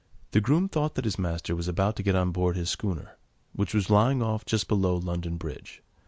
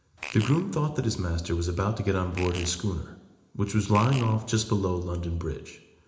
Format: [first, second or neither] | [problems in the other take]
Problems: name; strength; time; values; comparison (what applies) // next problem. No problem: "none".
first | background sound (Fart); 13 dB below the speech // room echo; dies away in 0.8 s